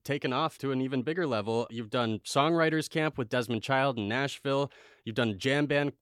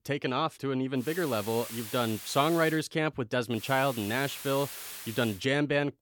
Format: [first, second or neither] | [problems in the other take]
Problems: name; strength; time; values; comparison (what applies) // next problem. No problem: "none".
first | hiss; noticeable; from 1 to 3 s and from 3.5 to 5.5 s; 10 dB below the speech